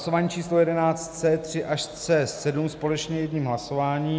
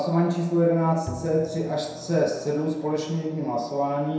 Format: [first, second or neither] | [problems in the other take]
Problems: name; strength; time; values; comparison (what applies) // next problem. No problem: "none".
first | background sound (Bowed string instrument); 18 dB below the speech // room echo; dies away in 0.7 s